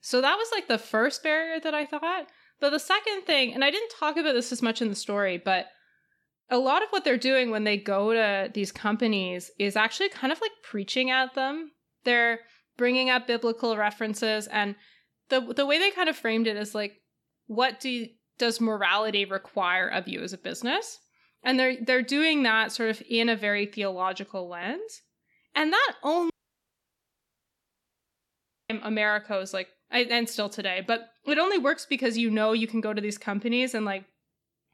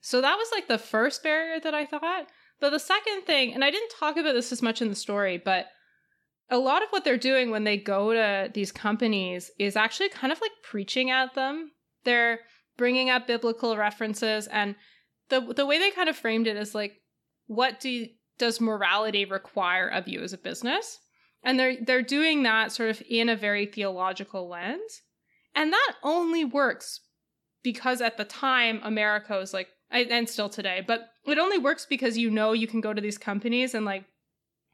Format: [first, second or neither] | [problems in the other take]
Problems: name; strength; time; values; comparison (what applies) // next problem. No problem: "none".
second | audio cutting out; at 26 s for 2.5 s